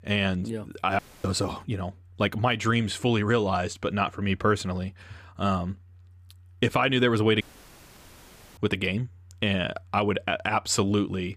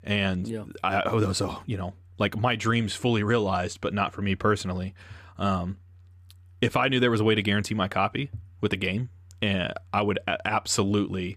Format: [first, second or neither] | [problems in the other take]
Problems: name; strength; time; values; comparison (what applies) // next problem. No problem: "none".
second | audio cutting out; at 1 s and at 7.5 s for 1 s